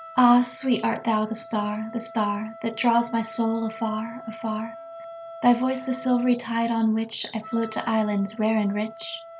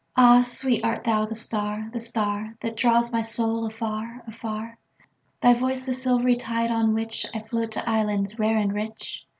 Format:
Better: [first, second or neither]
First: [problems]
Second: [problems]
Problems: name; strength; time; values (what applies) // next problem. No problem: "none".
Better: second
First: background sound (Wind instrument, woodwind instrument); 16 dB below the speech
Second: none